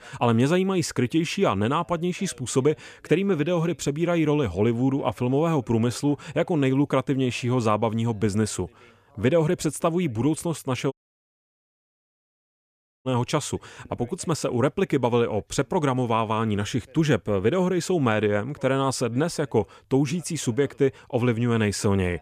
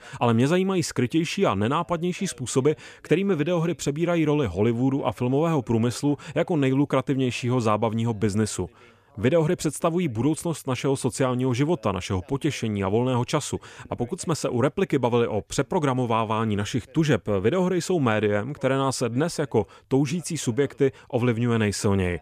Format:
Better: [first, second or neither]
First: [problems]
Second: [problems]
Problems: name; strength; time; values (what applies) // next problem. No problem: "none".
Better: second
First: audio cutting out; at 11 s for 2 s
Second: none